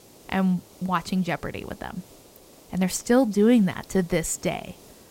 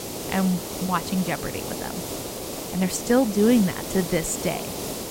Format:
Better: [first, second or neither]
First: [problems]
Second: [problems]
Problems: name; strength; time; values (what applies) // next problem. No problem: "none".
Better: first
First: hiss; faint; throughout; 25 dB below the speech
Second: hiss; loud; throughout; 7 dB below the speech